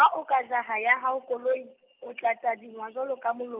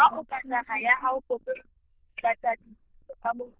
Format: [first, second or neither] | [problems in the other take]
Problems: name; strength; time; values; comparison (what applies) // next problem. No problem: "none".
first | noise reduction (neural diffusion model UNIVERSE++)